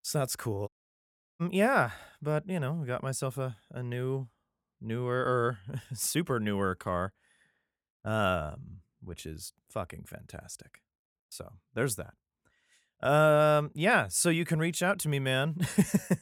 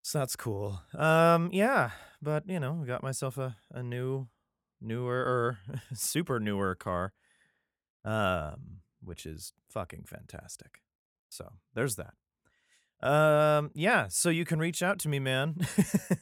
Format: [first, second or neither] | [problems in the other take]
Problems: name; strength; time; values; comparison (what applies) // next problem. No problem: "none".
second | audio cutting out; at 0.5 s for 0.5 s